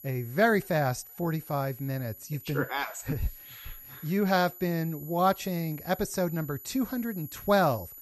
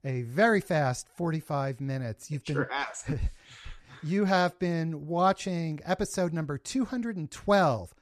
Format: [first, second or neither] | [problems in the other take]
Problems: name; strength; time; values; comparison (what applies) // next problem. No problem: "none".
second | high-pitched whine; noticeable; throughout; 12 kHz, 15 dB below the speech